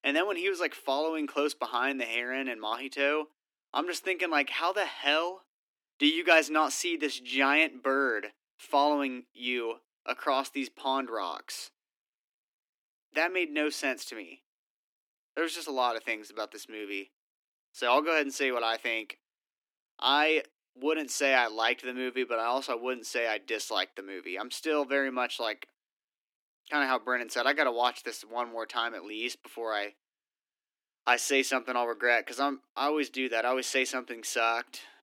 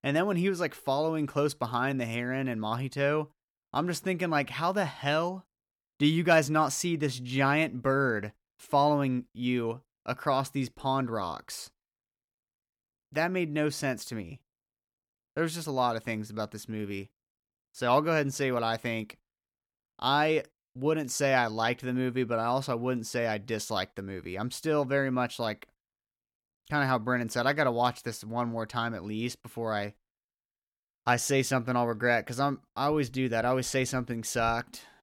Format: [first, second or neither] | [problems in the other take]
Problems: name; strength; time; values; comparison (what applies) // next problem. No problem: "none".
second | thin; very slightly; fading below 250 Hz